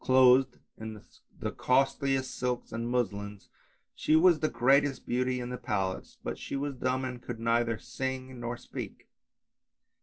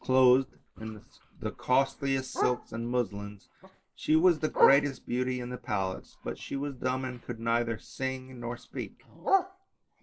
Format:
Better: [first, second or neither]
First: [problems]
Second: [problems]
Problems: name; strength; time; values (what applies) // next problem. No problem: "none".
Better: first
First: none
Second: noise reduction (neural mask model Resemble Enhance denoiser)